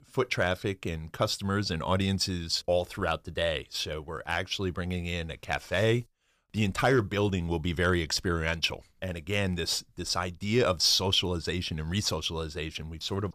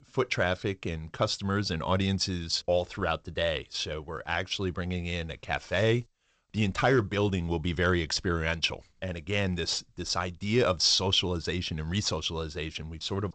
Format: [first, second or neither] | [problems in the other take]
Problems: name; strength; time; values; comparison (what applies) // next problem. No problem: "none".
first | garbled, watery; slightly; nothing above 8 kHz